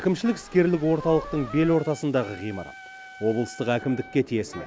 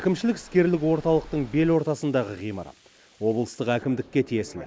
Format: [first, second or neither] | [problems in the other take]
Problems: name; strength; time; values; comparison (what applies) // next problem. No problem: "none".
second | background sound (Wind instrument, woodwind instrument); 18 dB below the speech